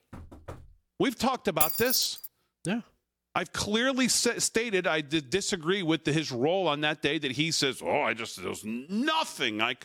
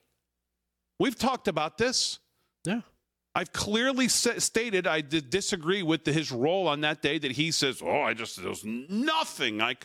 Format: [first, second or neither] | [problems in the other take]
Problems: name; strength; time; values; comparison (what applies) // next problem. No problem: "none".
second | door banging; faint; at the start; peak 20 dB below the speech // jangling keys; loud; at 1.5 s; peak 3 dB above the speech